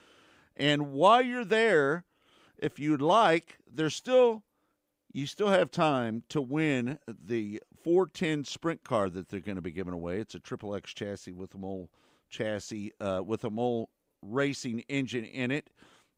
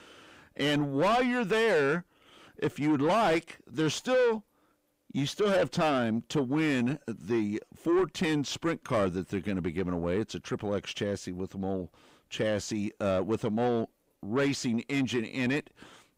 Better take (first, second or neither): first